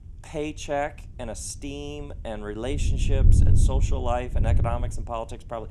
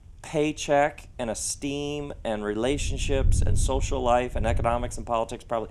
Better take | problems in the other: second | wind noise on the microphone; heavy; 8 dB below the speech; occasional gusts in the second

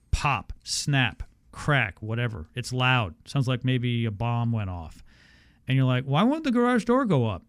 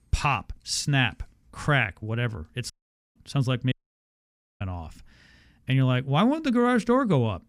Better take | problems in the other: first | audio cutting out; at 2.5 s and at 3.5 s for 1 s

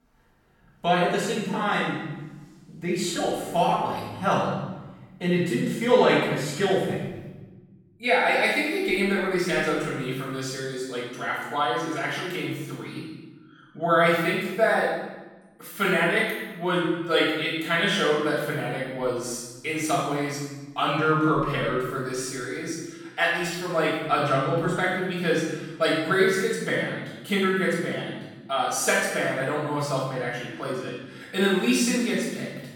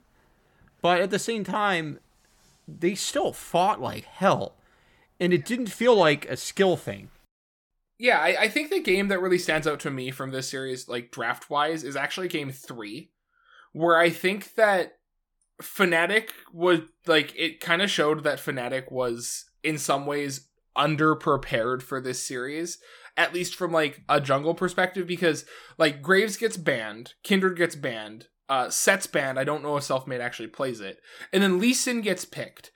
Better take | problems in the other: second | off-mic speech; far // room echo; strong; dies away in 1.1 s

